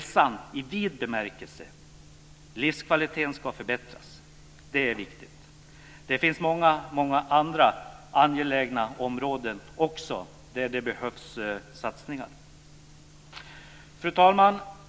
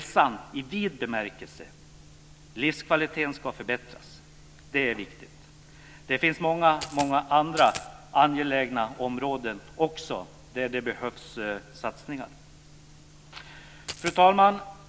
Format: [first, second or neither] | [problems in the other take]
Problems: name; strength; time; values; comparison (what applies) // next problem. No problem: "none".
first | background sound (Coin (dropping)); 11 dB below the speech